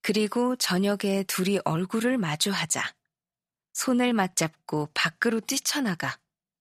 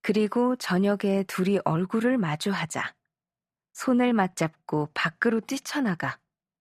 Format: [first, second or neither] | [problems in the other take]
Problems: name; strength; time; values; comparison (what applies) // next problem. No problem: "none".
first | muffled; slightly; fading above 3 kHz